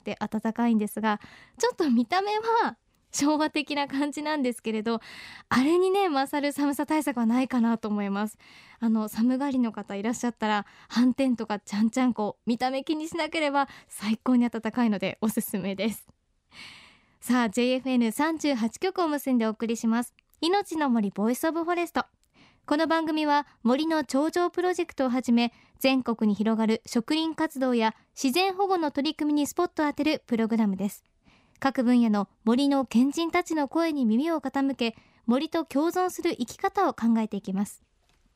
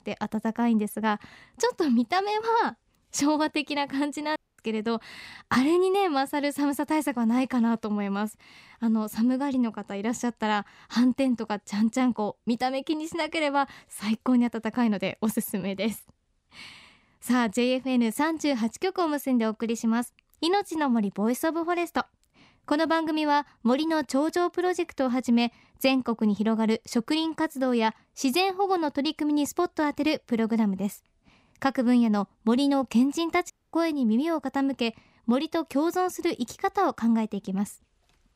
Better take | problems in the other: first | audio cutting out; at 4.5 s and at 34 s

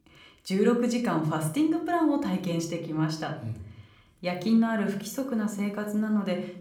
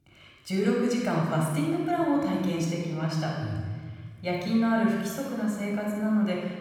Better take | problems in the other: first | room echo; strong; dies away in 1.6 s; slight in the first // off-mic speech; somewhat distant; somewhat distant in the first

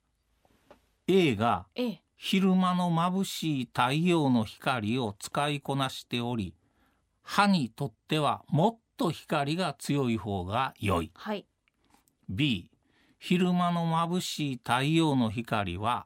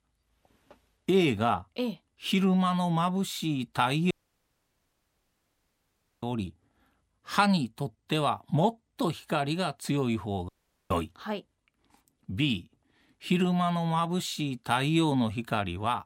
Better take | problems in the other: first | audio cutting out; at 4 s for 2 s and at 10 s

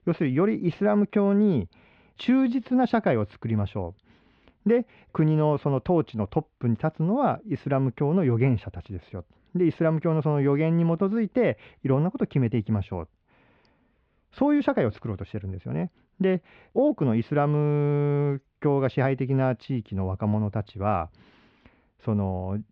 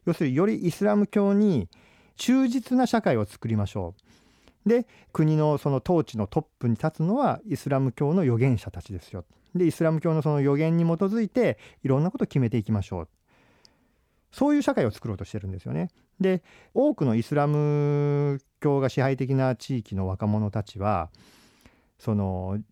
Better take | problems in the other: second | muffled; slightly; fading above 3.5 kHz

